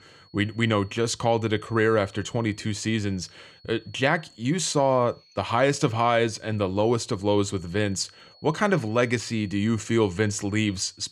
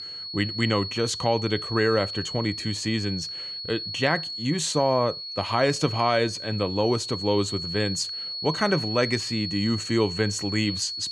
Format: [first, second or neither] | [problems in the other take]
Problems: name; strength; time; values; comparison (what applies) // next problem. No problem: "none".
first | high-pitched whine; loud; throughout; 4.5 kHz, 5 dB below the speech; faint in the first